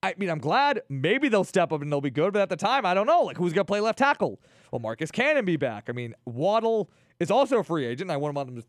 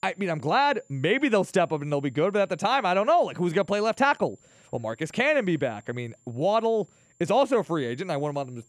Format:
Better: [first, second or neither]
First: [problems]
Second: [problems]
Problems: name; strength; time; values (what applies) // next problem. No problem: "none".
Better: first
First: none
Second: high-pitched whine; faint; throughout; 7.5 kHz, 35 dB below the speech